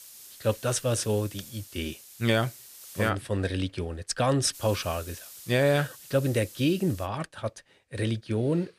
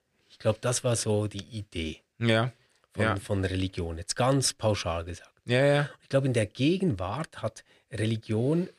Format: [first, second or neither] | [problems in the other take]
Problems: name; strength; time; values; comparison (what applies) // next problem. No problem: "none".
second | hiss; noticeable; until 3 s and from 4.5 to 7 s; 15 dB below the speech